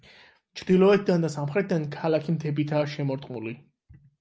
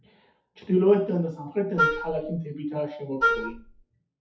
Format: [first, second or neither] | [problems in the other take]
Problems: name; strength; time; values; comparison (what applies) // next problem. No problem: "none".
first | noise reduction (classical method WPE with log-MMSE)